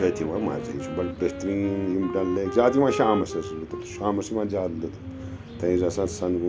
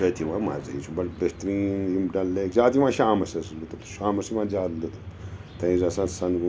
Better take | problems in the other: second | background sound (Wind instrument, woodwind instrument); 10 dB below the speech

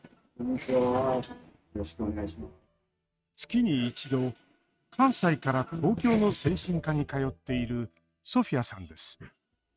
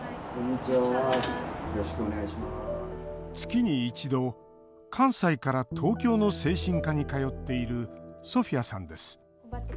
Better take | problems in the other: second | noise reduction (neural mask model RNNoise)

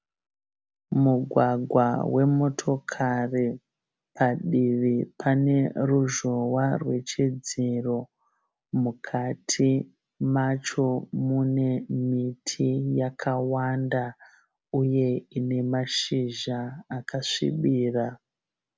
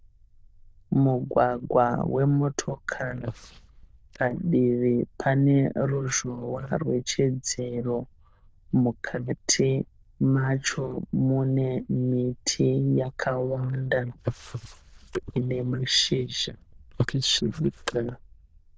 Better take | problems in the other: first | noise reduction (neural diffusion model UNIVERSE++)

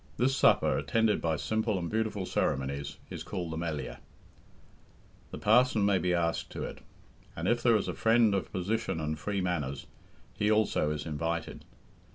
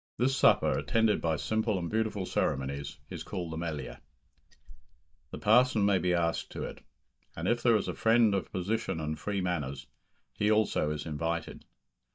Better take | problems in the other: first | noise reduction (neural mask model DeepFilterNet 3)

